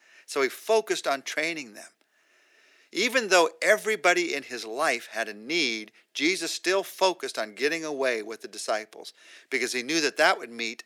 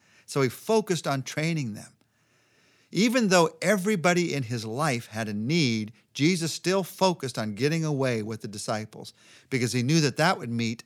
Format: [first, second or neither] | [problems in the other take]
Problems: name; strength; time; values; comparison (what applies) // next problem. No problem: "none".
second | thin; very; fading below 350 Hz